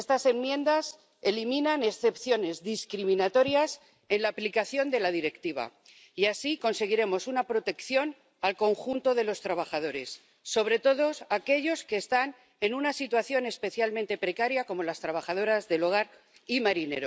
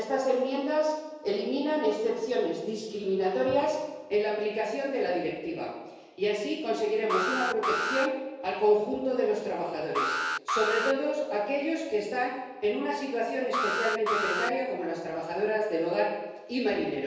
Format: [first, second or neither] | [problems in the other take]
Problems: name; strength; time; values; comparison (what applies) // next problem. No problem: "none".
first | background sound (Alarm); 3 dB below the speech // room echo; dies away in 1.2 s